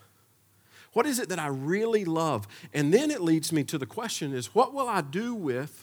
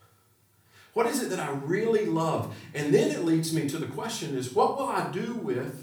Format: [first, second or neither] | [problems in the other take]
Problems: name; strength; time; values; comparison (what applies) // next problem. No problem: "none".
first | room echo; slight; dies away in 0.4 s // off-mic speech; far